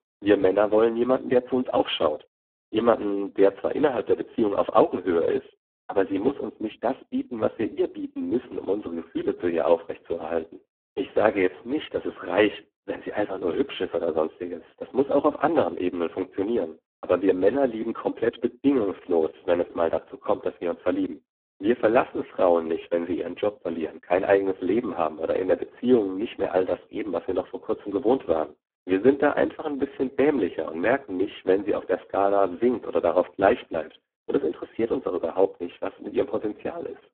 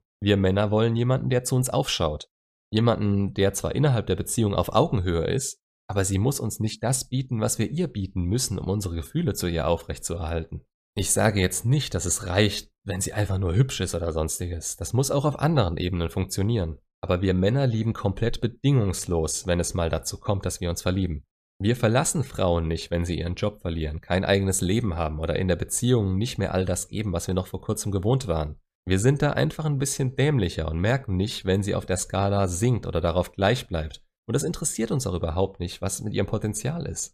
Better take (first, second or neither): second